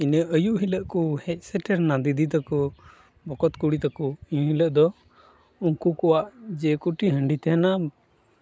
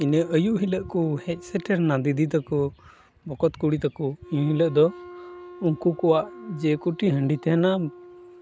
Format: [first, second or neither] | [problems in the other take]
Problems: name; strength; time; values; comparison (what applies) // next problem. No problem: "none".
first | background sound (Wind instrument, woodwind instrument); 20 dB below the speech